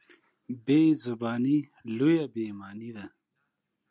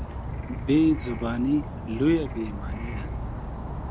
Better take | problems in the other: first | background sound (Insect / Frog); 6 dB below the speech

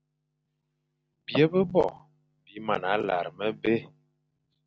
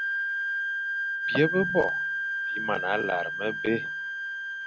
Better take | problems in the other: first | background sound (Wind instrument, woodwind instrument); as loud as the speech

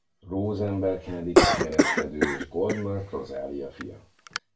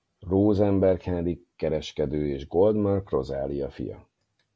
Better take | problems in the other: second | background sound (Cough); 4 dB above the speech // room echo; dies away in 0.3 s

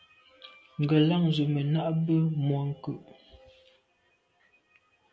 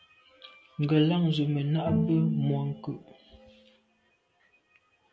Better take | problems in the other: first | background sound (Bowed string instrument); 7 dB below the speech

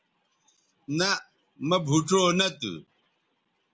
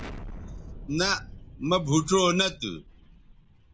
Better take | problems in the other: first | background sound (Explosion); 14 dB below the speech

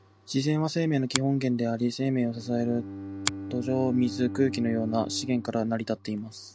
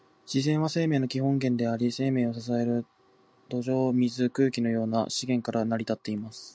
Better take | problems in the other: second | background sound (Bowed string instrument + Finger snapping); 10 dB below the speech

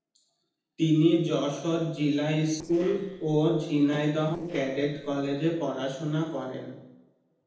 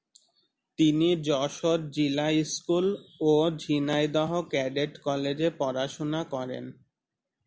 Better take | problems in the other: second | noise reduction (neural separator model SepFormer DNS4)

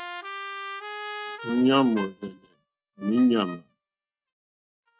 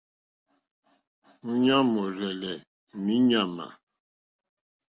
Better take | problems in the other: second | noise reduction (neural mask model RNNoise)

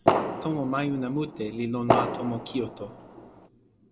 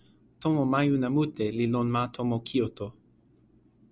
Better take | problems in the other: second | background sound (Fireworks); 2 dB above the speech // room echo; dies away in 1.1 s

